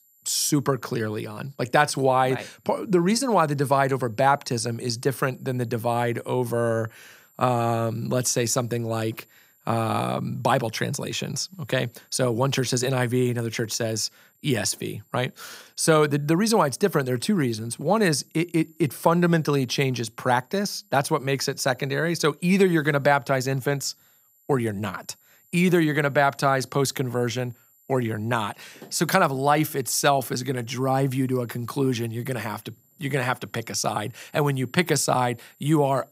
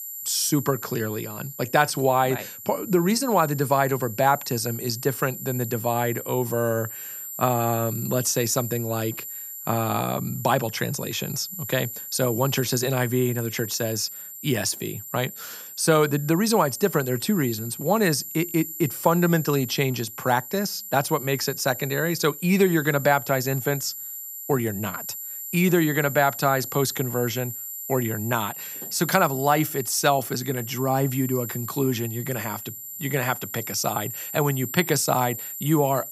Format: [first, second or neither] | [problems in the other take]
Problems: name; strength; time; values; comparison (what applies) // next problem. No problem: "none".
first | high-pitched whine; loud; throughout; 12 kHz, 9 dB below the speech; faint in the first